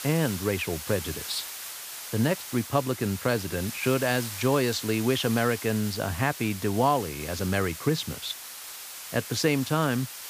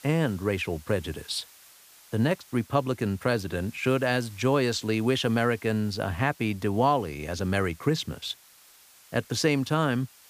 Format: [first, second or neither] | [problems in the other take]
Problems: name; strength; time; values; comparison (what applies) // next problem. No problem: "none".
second | hiss; loud; throughout; 9 dB below the speech; faint in the second